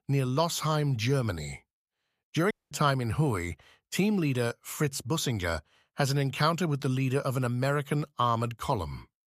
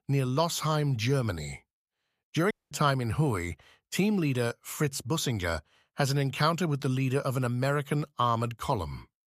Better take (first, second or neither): neither